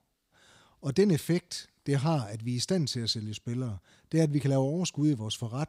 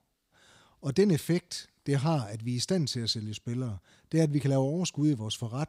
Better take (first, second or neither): neither